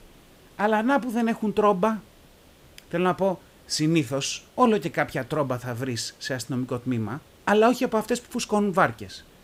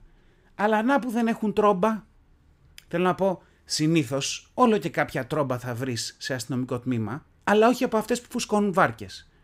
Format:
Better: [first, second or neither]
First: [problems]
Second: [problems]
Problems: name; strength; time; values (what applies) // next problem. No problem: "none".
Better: second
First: hiss; faint; throughout; 30 dB below the speech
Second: none